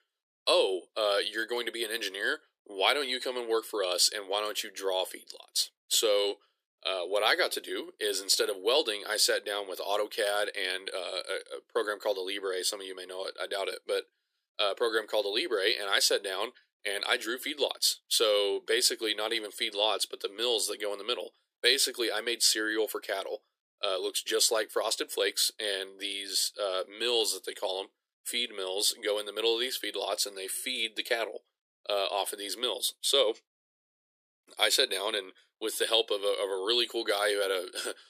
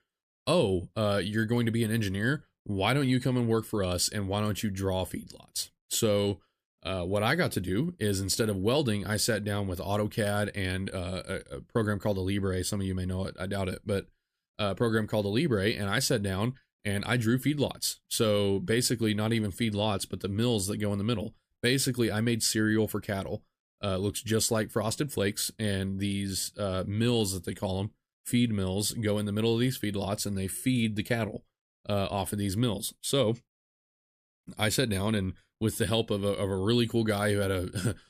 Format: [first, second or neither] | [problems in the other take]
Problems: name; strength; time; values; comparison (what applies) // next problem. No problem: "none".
second | thin; very; fading below 400 Hz